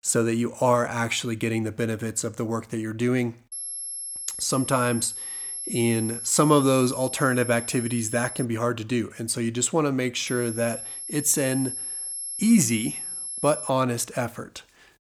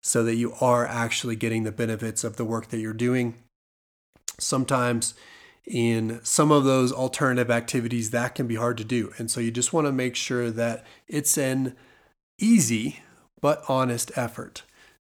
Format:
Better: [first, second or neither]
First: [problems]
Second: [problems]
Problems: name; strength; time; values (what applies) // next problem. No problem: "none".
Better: second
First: high-pitched whine; loud; from 3.5 to 8.5 s and from 10 to 14 s; 11 kHz, 7 dB below the speech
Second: none